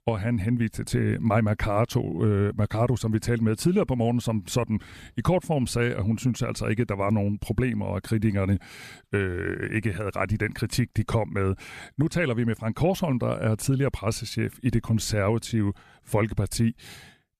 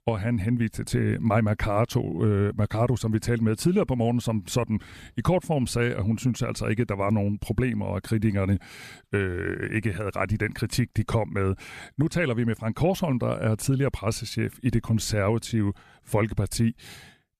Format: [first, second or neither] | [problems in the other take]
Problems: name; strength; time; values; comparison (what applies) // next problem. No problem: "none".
neither | none